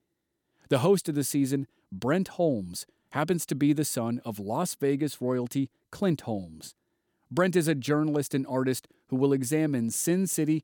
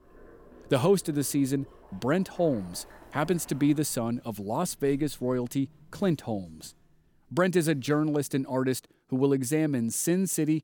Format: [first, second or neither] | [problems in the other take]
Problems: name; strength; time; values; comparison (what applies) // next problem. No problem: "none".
first | household noises; faint; until 8.5 s; 25 dB below the speech